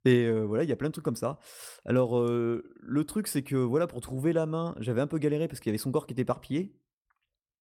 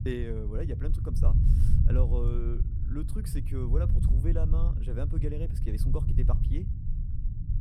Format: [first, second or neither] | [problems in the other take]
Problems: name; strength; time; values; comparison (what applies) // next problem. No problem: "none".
first | low rumble; loud; throughout; 4 dB below the speech